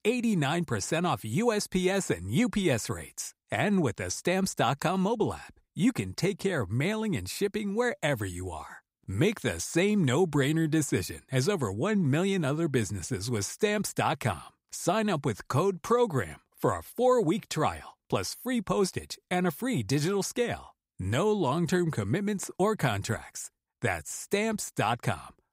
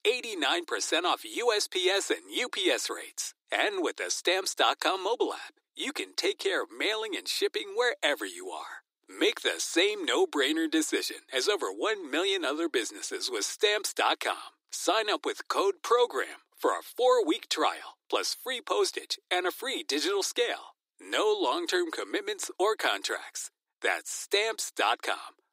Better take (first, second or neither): first